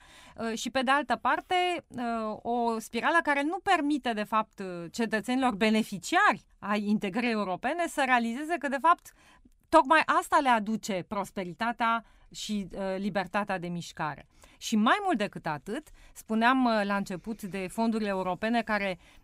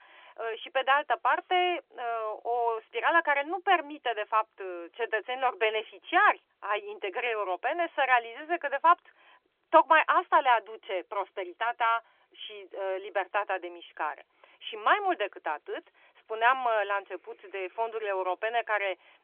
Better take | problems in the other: first | phone-call audio; nothing above 3.5 kHz

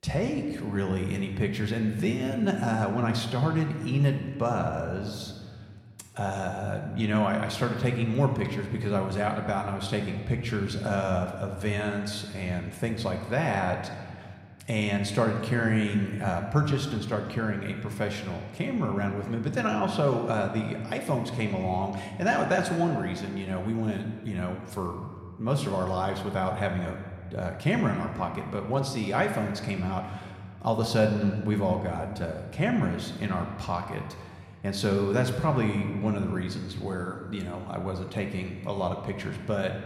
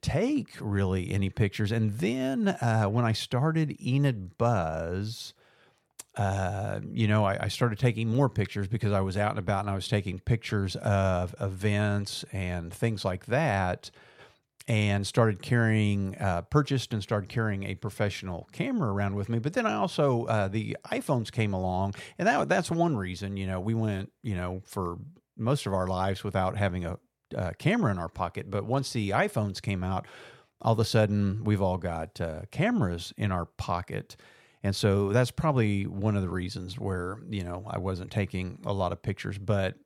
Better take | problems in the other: second | room echo; slight; dies away in 1.5 s

